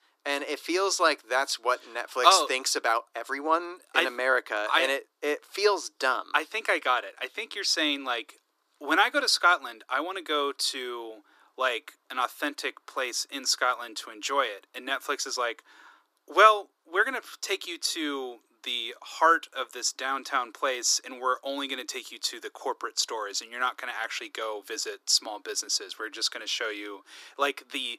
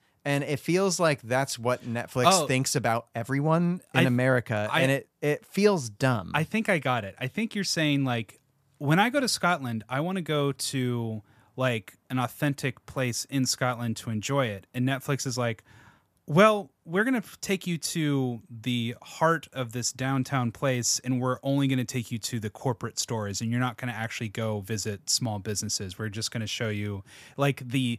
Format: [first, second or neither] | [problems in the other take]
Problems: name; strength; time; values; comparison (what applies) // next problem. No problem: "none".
second | thin; very; fading below 300 Hz